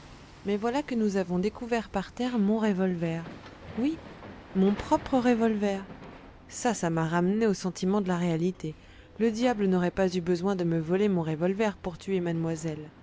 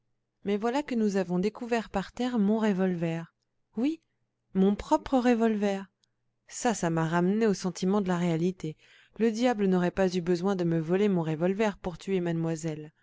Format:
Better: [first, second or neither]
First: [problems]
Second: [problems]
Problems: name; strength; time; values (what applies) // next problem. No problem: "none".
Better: second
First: background sound (Hammer); 20 dB below the speech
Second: none